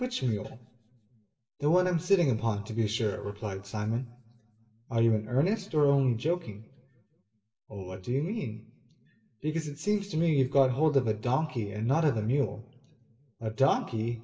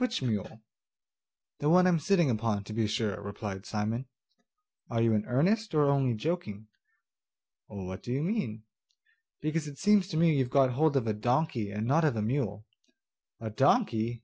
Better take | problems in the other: second | room echo; dies away in 0.8 s

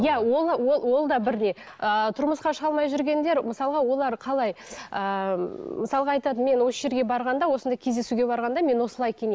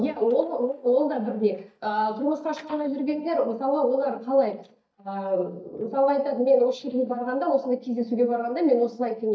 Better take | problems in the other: first | noise reduction (neural mask model DeepFilterNet 3)

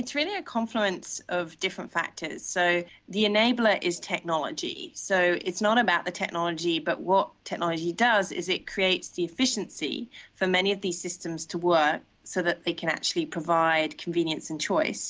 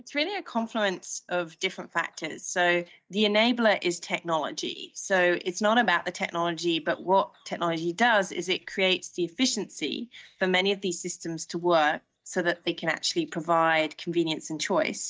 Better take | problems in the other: first | noise reduction (neural mask model DeepFilterNet 3)

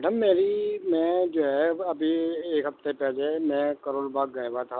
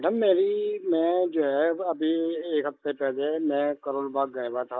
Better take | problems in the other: first | noise reduction (neural mask model Resemble Enhance denoiser)

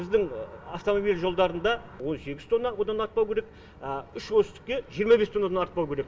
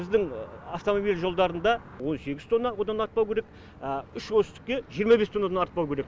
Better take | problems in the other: second | room echo; dies away in 0.2 s

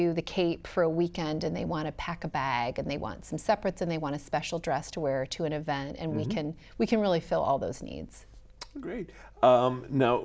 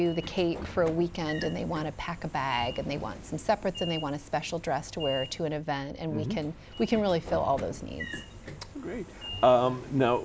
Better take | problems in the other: first | background sound (Sliding door / Train); 13 dB below the speech

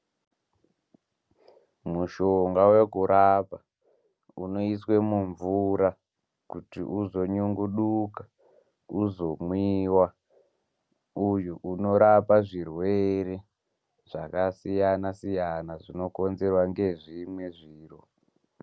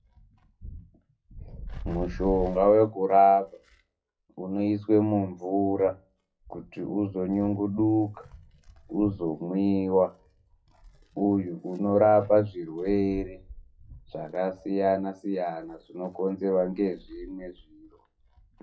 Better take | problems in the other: first | noise reduction (classical method WPE with log-MMSE)

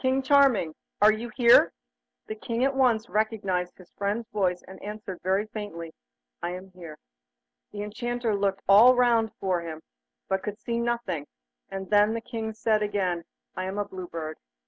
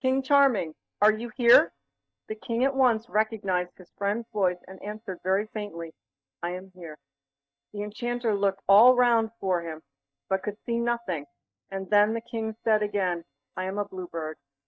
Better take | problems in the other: first | noise reduction (neural mask model DeepFilterNet 3)

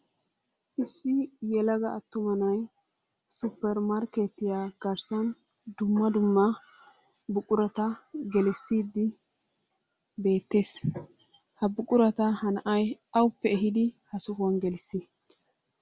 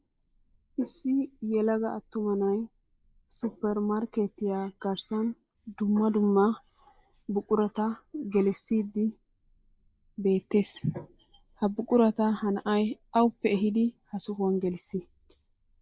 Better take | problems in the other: first | noise reduction (neural mask model Resemble Enhance denoiser)

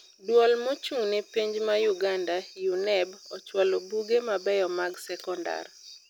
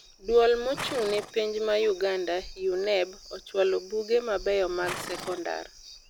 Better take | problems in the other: first | background sound (Livestock, farm animals, working animals); 16 dB below the speech

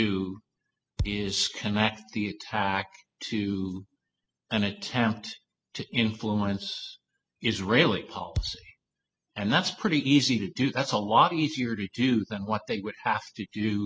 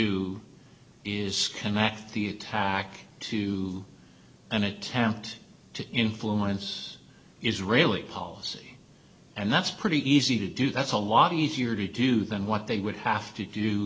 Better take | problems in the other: second | noise reduction (classical method spectral subtraction)

